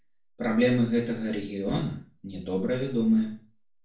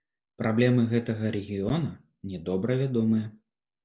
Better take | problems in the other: second | room echo; dies away in 0.4 s

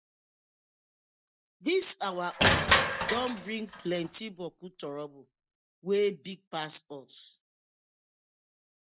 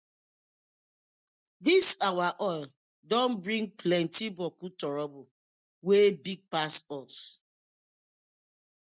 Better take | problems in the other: second | background sound (Crushing); 5 dB above the speech

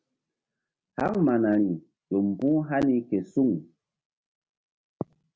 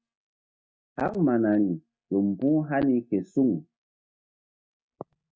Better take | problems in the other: first | noise reduction (neural mask model DeepFilterNet 3)

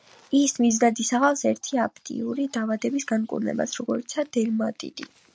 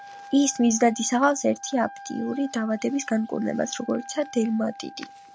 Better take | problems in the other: first | background sound (Wind instrument, woodwind instrument); 18 dB below the speech

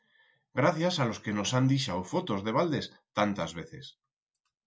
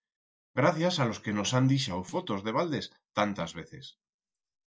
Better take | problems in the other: first | noise reduction (neural mask model DeepFilterNet 3)

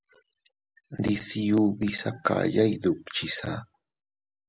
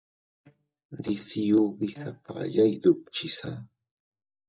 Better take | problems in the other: first | noise reduction (neural mask model DeepFilterNet 3)

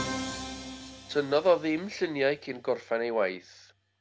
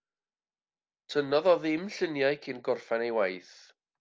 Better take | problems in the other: second | background sound (Musical instrument); 12 dB below the speech

